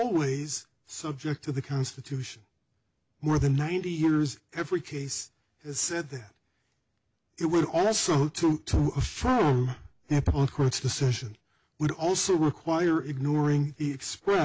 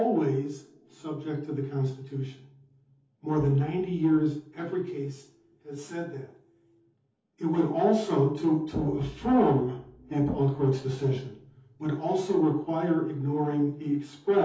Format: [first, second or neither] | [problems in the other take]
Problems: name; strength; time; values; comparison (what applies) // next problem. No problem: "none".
first | room echo; dies away in 0.6 s